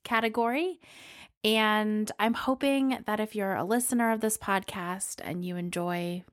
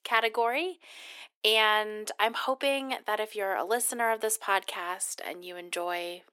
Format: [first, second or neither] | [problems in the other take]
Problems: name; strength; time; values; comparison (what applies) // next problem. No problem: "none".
first | thin; very; fading below 400 Hz